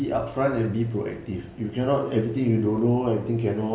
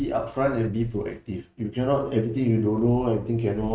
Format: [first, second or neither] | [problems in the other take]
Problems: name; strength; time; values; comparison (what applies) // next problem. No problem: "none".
first | noise reduction (neural mask model RNNoise)